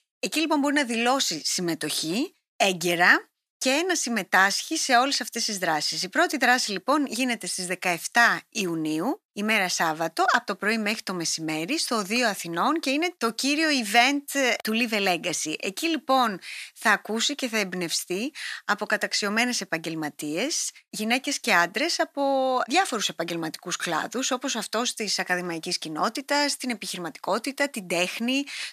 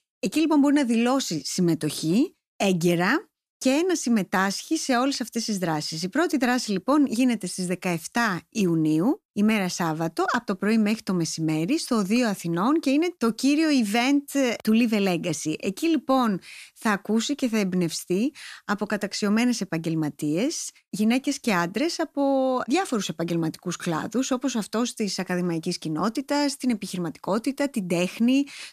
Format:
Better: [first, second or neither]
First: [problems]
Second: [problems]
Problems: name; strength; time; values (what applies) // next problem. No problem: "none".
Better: second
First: thin; somewhat; fading below 750 Hz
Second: none